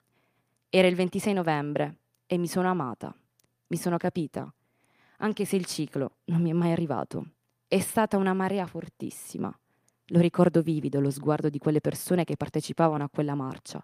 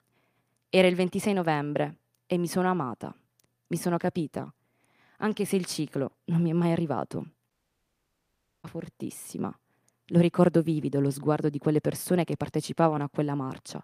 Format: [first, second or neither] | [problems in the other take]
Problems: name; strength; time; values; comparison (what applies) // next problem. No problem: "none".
first | audio cutting out; at 7.5 s for 1 s